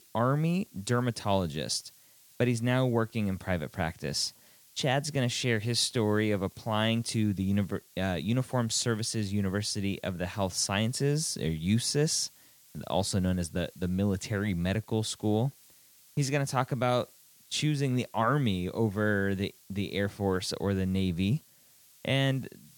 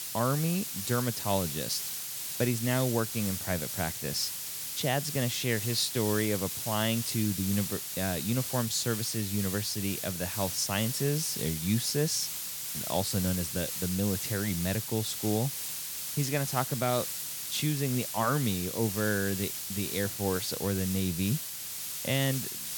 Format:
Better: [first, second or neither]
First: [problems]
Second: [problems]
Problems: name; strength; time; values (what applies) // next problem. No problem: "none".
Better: first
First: hiss; faint; throughout; 25 dB below the speech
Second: hiss; loud; throughout; 3 dB below the speech